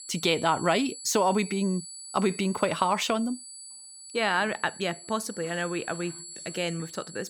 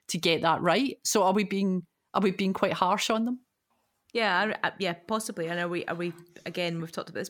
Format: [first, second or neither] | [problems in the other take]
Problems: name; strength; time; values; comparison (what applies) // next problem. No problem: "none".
second | high-pitched whine; noticeable; throughout; 7.5 kHz, 15 dB below the speech